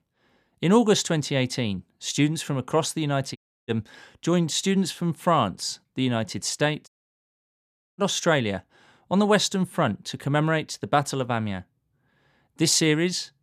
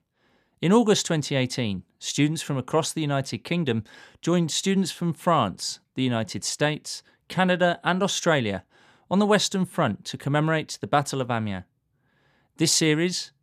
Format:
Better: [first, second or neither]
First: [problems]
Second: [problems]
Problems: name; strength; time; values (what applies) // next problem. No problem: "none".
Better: second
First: audio cutting out; at 3.5 s and at 7 s for 1 s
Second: none